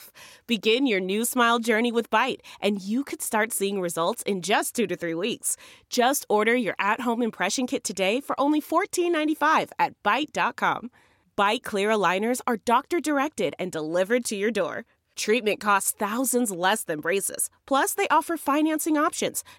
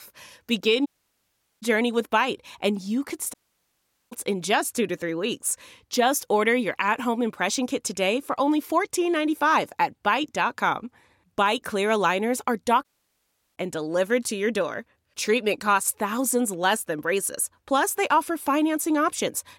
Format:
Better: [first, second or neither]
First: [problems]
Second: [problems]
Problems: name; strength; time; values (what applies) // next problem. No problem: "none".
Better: first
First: none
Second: audio cutting out; at 1 s for 1 s, at 3.5 s for 1 s and at 13 s for 0.5 s